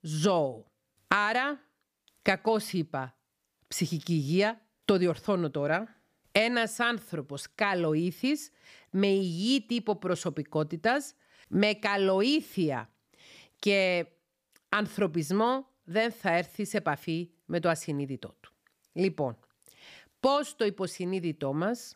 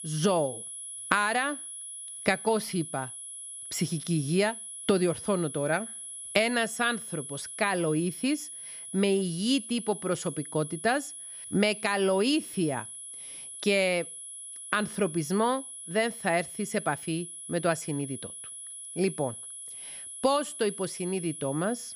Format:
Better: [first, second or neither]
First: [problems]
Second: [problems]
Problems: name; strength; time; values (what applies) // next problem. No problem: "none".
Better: first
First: none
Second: high-pitched whine; loud; throughout; 10.5 kHz, 10 dB below the speech